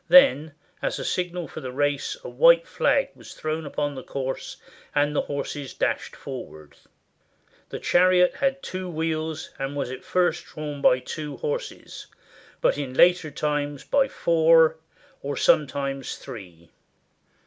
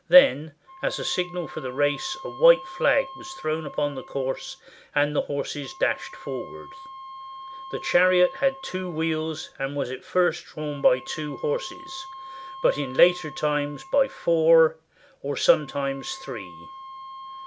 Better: first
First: none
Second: background sound (Wind instrument, woodwind instrument); 17 dB below the speech

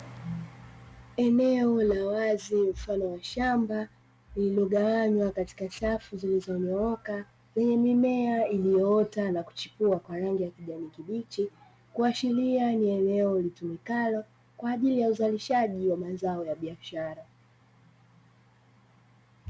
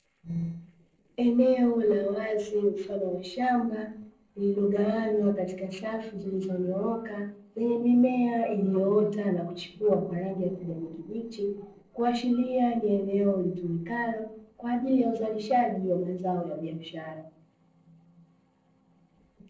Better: first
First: none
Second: noise reduction (neural separator model SepFormer DNS4)

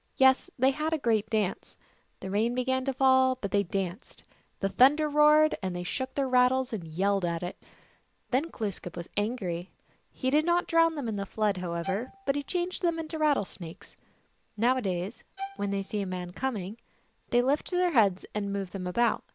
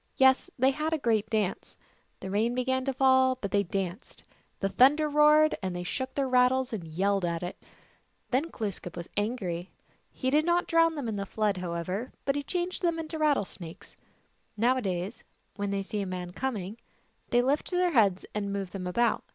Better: second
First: background sound (Bowed string instrument); 14 dB below the speech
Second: none

